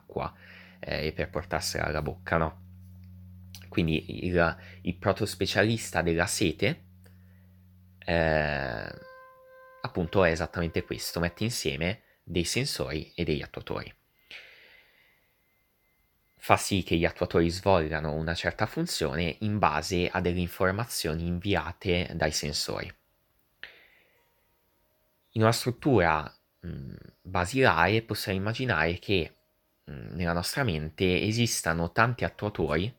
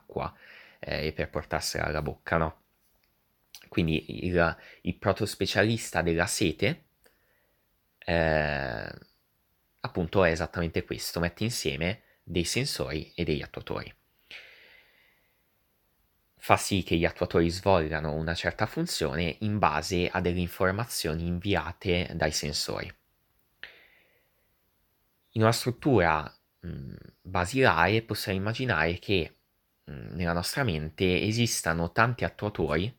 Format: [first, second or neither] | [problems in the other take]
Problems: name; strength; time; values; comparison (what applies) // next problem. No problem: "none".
second | background music; faint; throughout; 25 dB below the speech